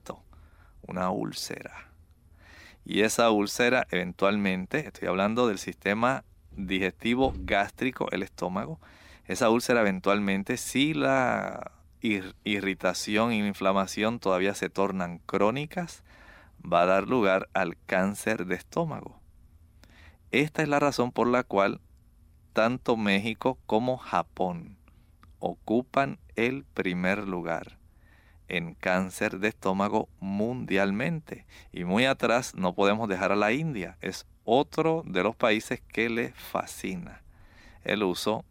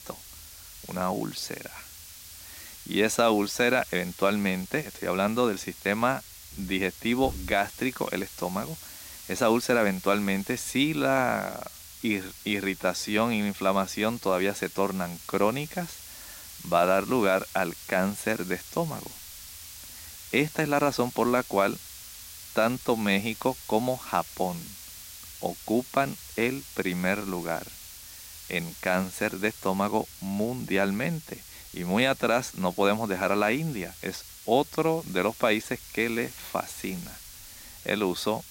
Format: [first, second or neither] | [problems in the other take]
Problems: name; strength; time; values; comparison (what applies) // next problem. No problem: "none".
first | hiss; noticeable; throughout; 15 dB below the speech